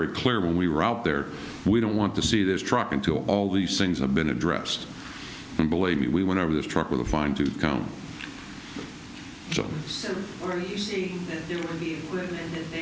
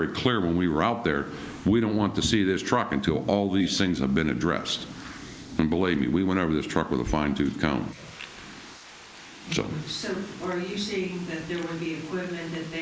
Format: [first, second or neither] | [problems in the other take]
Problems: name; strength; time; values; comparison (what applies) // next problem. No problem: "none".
first | noise reduction (neural mask model Resemble Enhance denoiser)